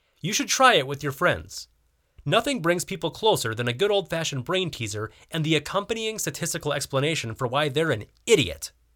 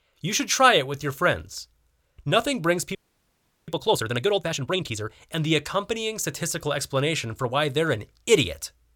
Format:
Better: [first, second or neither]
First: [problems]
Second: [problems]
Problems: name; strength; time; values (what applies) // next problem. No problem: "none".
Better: first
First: none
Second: audio freezing; at 3 s for 0.5 s